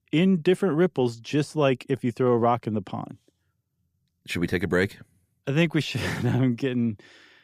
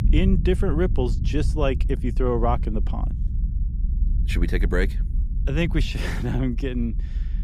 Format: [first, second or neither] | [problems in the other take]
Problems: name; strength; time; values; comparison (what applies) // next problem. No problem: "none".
first | low rumble; noticeable; throughout; 15 dB below the speech